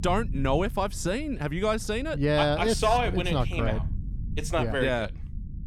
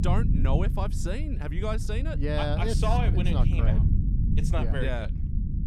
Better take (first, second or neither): first